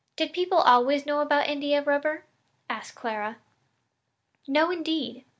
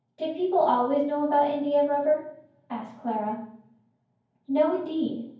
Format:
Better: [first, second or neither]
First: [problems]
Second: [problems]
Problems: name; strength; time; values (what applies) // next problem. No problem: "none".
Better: first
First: none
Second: room echo; dies away in 0.9 s